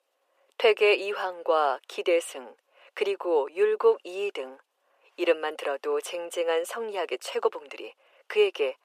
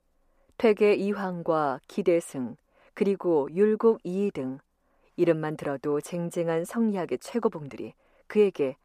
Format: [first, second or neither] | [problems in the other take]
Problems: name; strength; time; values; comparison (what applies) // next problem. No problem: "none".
second | thin; very; fading below 400 Hz